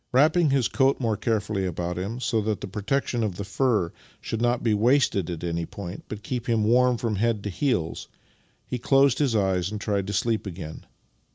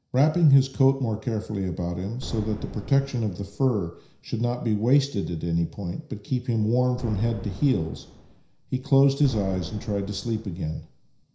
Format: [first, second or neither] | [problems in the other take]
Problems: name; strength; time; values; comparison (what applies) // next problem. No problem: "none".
first | background sound (Boom); 14 dB below the speech // room echo; dies away in 0.5 s